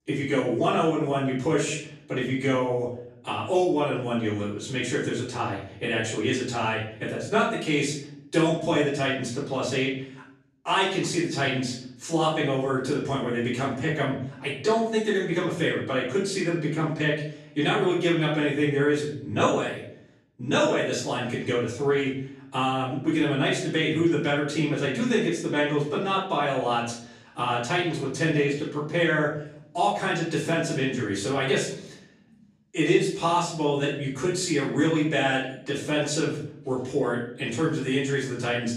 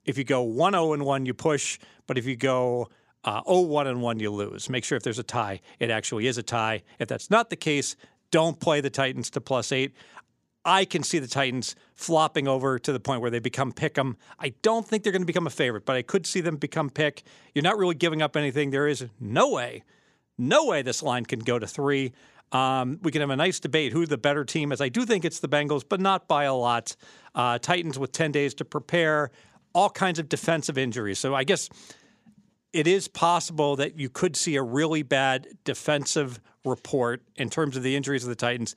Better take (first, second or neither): second